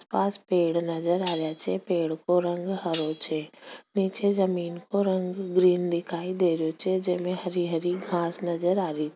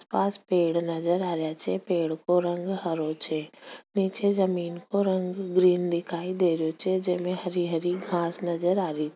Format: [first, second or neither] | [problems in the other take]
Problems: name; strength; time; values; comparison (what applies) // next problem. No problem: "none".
second | background sound (Cutlery, silverware); 19 dB below the speech